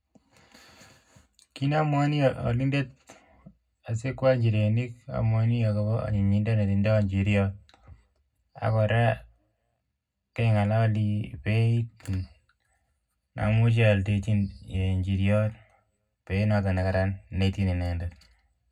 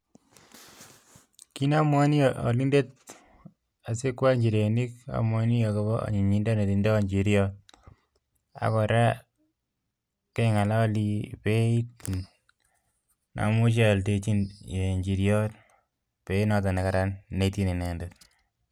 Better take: second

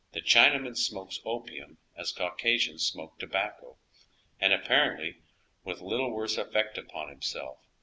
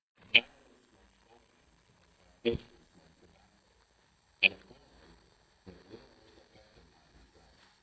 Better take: first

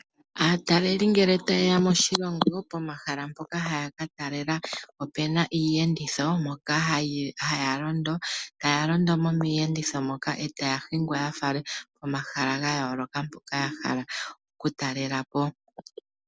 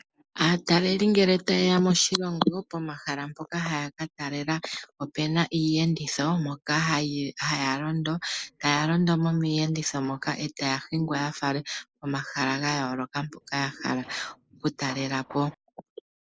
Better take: first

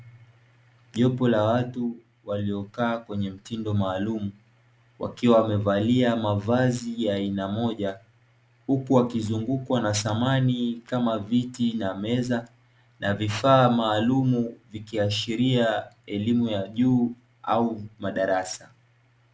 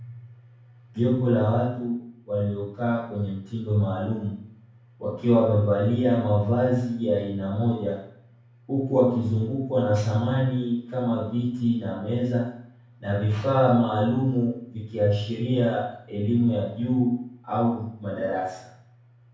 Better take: first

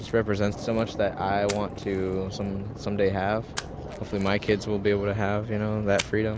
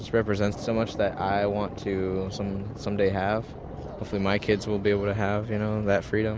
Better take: second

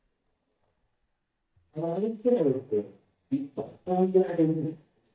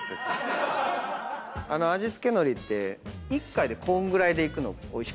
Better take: second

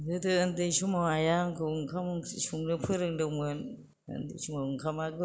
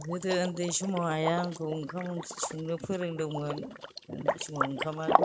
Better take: first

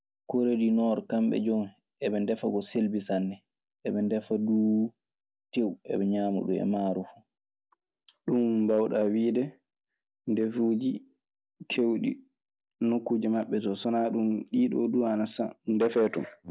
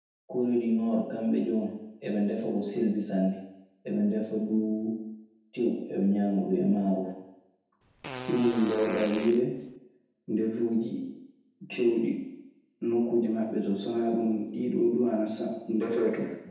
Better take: first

